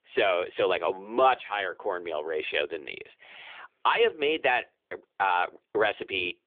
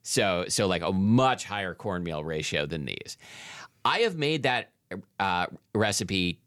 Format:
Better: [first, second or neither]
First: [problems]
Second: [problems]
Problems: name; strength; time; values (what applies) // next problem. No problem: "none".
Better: second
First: phone-call audio; nothing above 3.5 kHz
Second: none